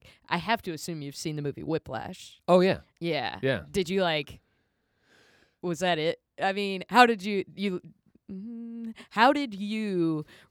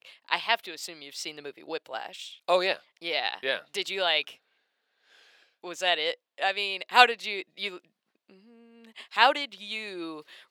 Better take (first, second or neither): first